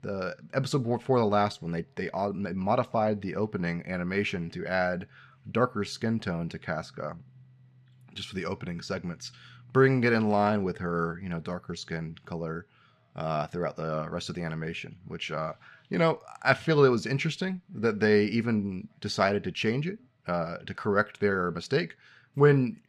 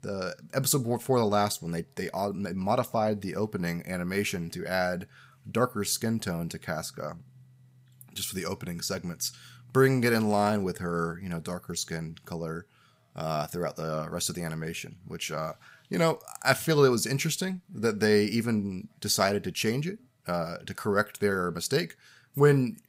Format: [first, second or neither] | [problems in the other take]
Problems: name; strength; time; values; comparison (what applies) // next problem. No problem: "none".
second | muffled; slightly; fading above 3 kHz